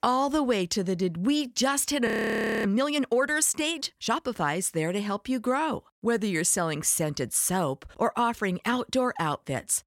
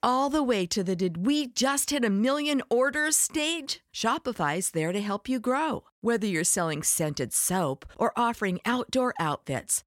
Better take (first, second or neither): second